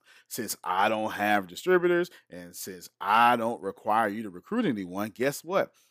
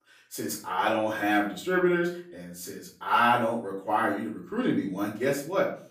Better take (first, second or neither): first